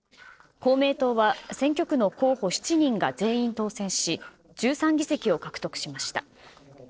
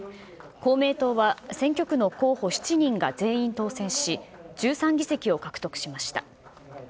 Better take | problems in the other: second | noise reduction (neural separator model SepFormer DNS4)

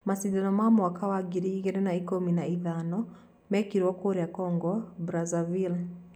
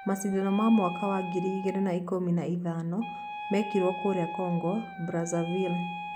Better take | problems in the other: first | background sound (Wind instrument, woodwind instrument); 10 dB below the speech

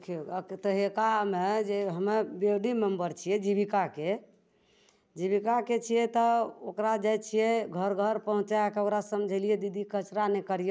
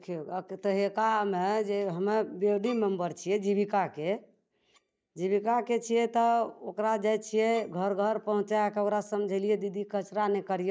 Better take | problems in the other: first | noise reduction (neural mask model DeepFilterNet 3)

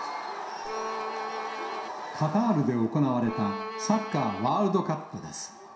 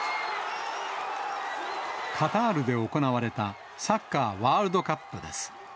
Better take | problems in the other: second | background sound (Bowed string instrument); 7 dB below the speech // room echo; dies away in 0.7 s

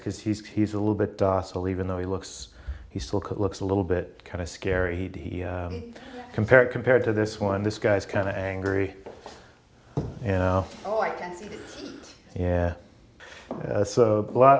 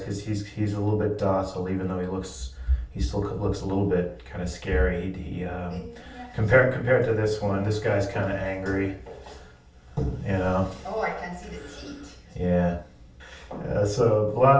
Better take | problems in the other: first | room echo; dies away in 0.4 s

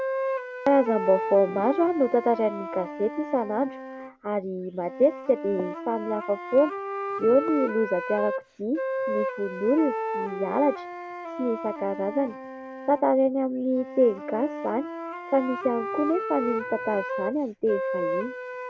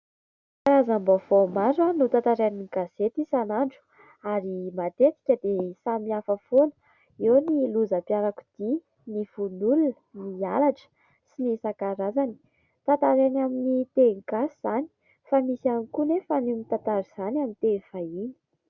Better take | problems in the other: second | background sound (Wind instrument, woodwind instrument); 7 dB below the speech

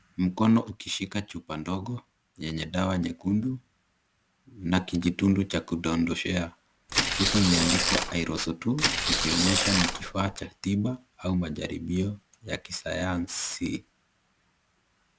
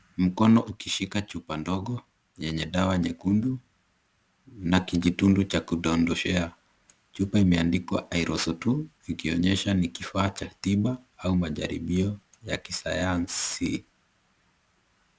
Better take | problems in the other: second | background sound (Tearing); 2 dB above the speech

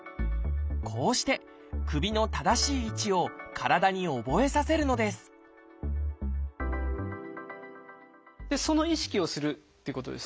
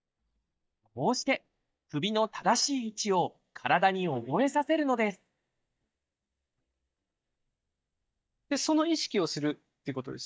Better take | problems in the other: first | noise reduction (neural mask model DeepFilterNet 3)

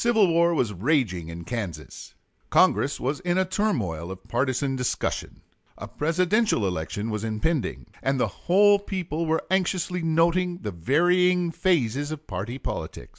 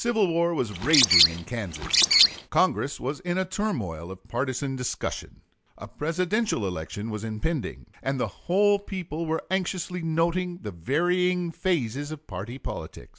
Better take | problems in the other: first | background sound (Bird); 4 dB above the speech

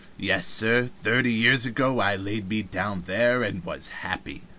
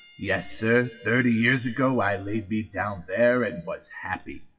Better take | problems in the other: first | noise reduction (classical method WPE with log-MMSE)

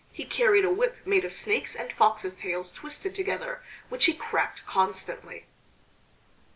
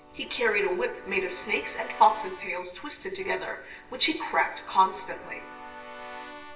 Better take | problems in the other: first | background sound (Keyboard (musical) / Brass instrument); 16 dB below the speech // room echo; dies away in 0.8 s

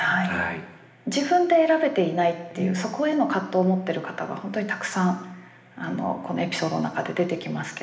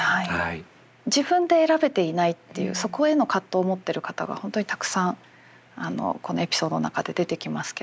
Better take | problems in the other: second | room echo; dies away in 1.1 s

